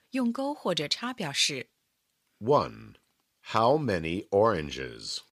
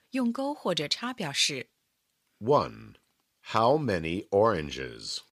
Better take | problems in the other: neither | none

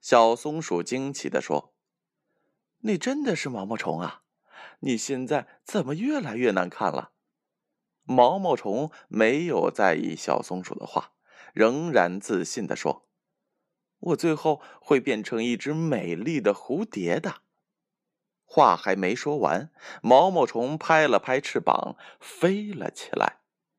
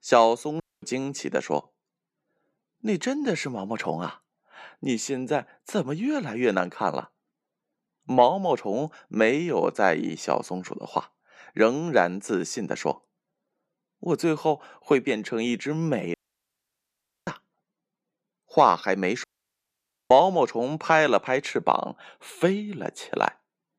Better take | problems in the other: first | audio cutting out; at 0.5 s, at 16 s for 1 s and at 19 s for 1 s

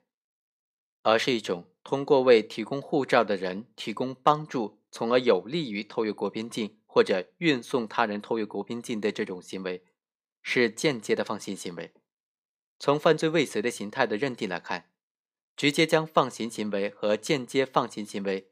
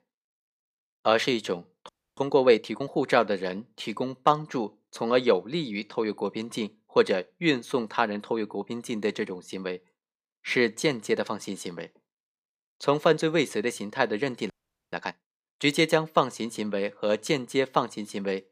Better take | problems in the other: first | audio freezing; at 2 s and at 15 s

